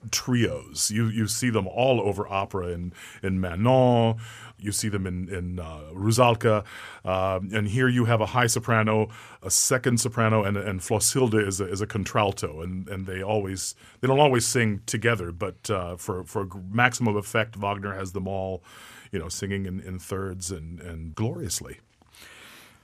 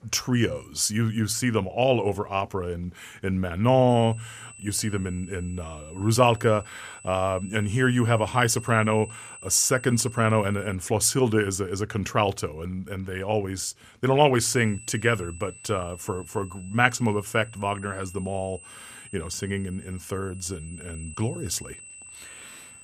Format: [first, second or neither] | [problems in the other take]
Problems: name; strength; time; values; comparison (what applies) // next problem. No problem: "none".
first | high-pitched whine; noticeable; from 4 to 11 s and from 15 s on; 8 kHz, 20 dB below the speech